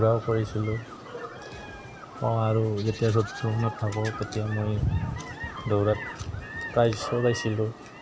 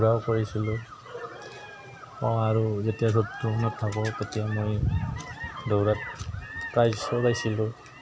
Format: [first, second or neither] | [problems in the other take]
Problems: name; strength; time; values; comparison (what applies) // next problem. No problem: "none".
second | background sound (Snare drum / Drum kit + Bird); 18 dB below the speech